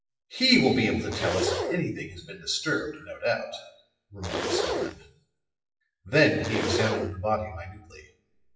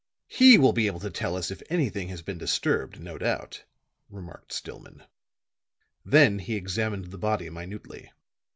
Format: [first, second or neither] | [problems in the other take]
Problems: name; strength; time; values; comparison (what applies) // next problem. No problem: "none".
second | noise reduction (classical method WPE with log-MMSE)